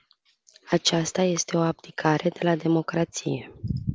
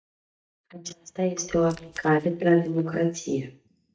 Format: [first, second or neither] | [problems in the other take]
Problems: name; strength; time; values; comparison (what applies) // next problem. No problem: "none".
first | noise reduction (neural mask model DeepFilterNet 3)